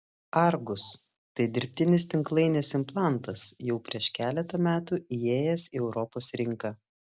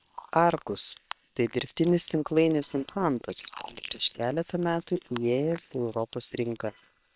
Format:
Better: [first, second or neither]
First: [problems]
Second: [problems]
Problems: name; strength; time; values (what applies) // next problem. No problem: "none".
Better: first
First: none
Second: noise reduction (neural separator model SepFormer WHAM!)